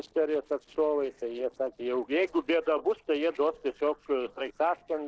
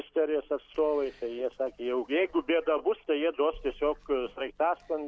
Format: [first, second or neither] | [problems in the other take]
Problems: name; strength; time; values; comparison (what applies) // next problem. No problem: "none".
second | noise reduction (neural separator model SepFormer DNS4)